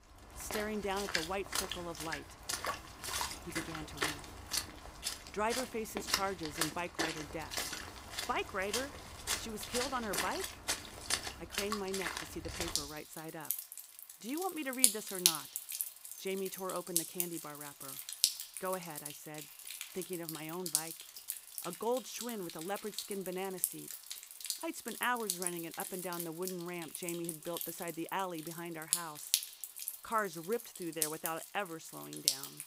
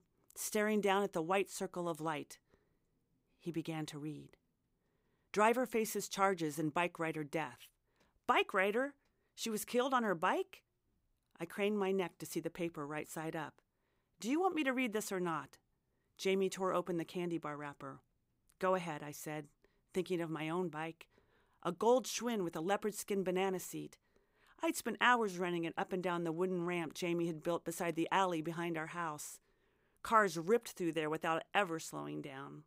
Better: second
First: rain or running water; very loud; throughout; 3 dB above the speech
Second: none

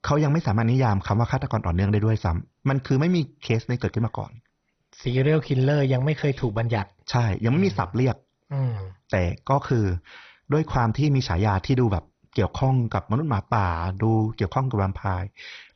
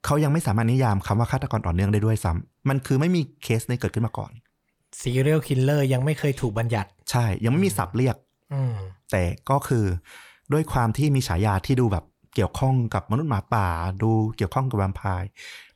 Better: second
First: garbled, watery; badly; nothing above 6 kHz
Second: none

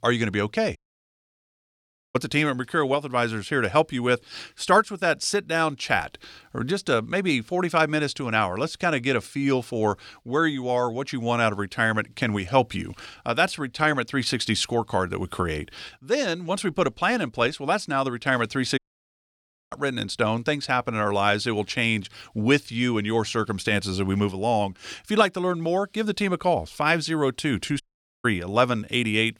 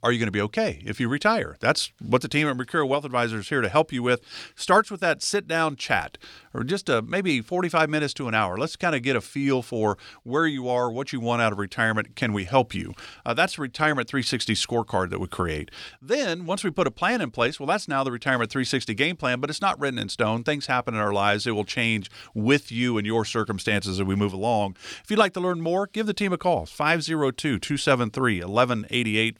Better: second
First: audio cutting out; at 1 s for 1.5 s, at 19 s for 1 s and at 28 s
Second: none

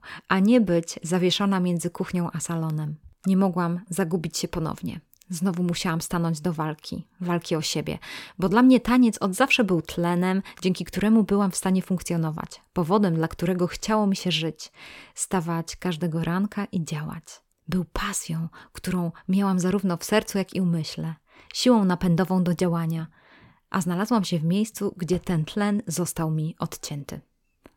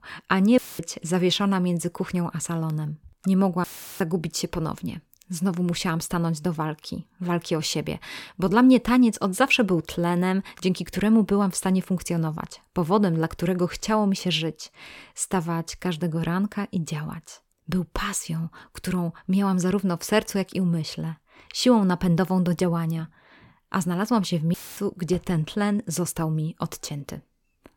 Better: first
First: none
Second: audio cutting out; filled with static; at 0.5 s, at 3.5 s and at 25 s

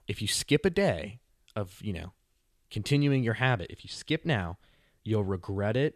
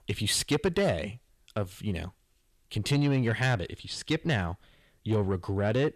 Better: first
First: none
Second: distortion; slight; 10 dB below the speech

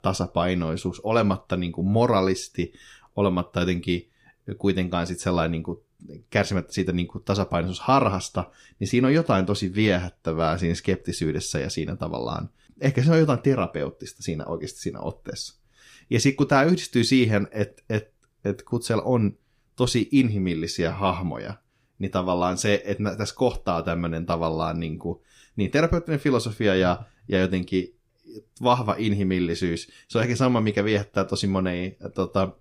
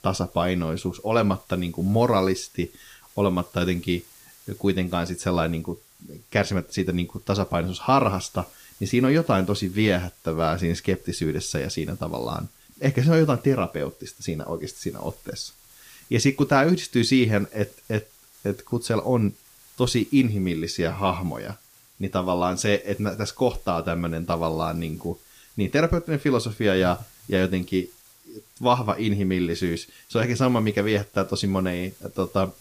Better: first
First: none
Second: hiss; faint; throughout; 25 dB below the speech

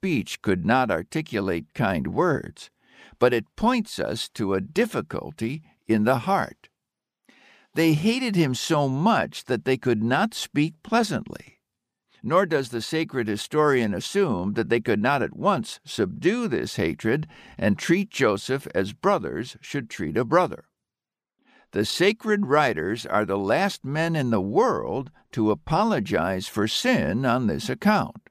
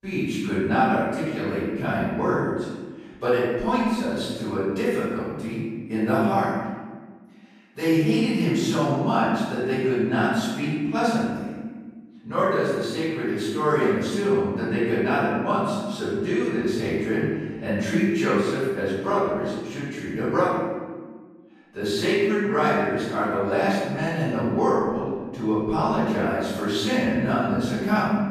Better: first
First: none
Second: room echo; strong; dies away in 1.3 s // off-mic speech; far

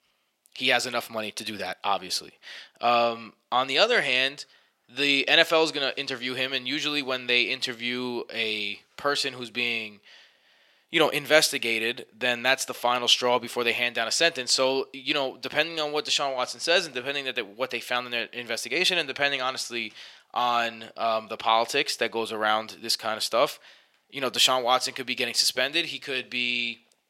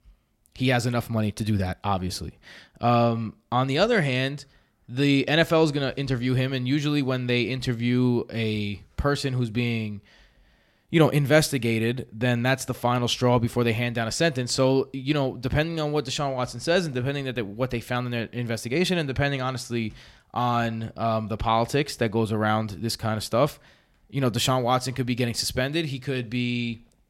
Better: second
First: thin; somewhat; fading below 500 Hz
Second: none

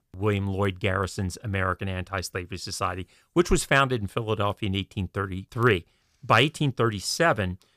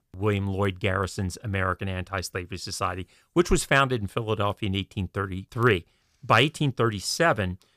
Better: neither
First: none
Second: none

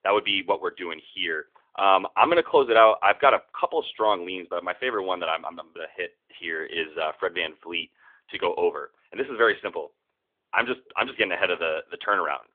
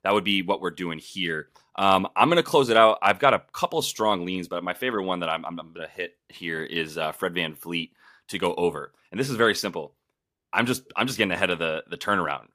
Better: second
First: phone-call audio; nothing above 3.5 kHz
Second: none

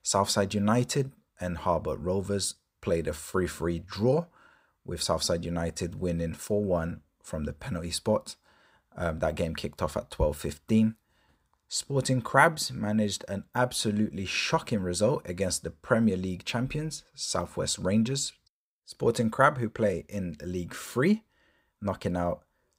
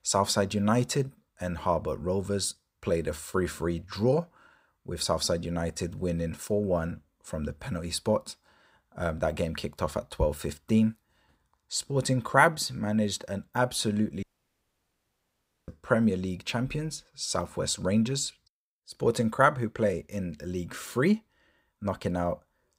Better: first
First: none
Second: audio cutting out; at 14 s for 1.5 s

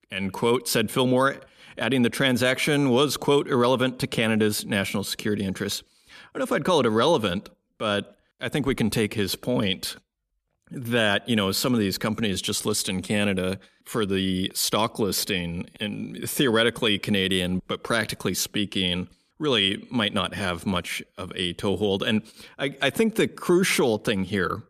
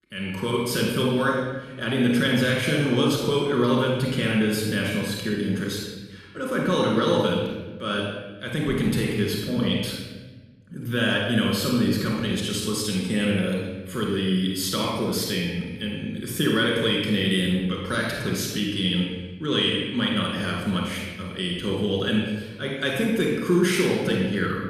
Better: first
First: none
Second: off-mic speech; far // room echo; strong; dies away in 1.1 s

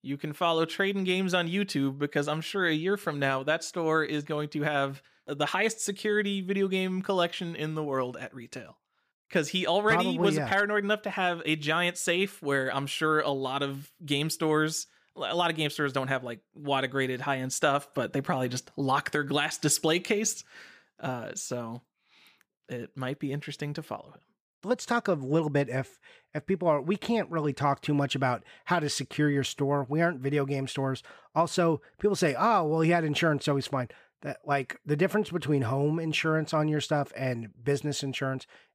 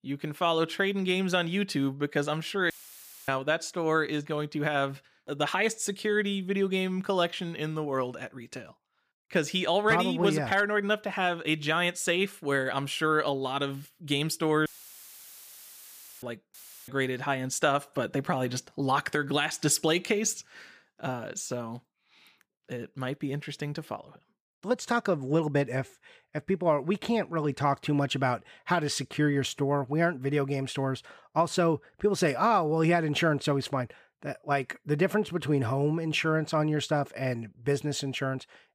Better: first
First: none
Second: audio cutting out; filled with static; at 2.5 s for 0.5 s, at 15 s for 1.5 s and at 17 s

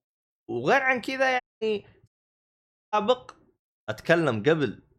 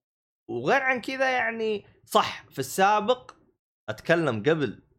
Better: second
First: audio cutting out; at 1.5 s and at 2 s for 1 s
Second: none

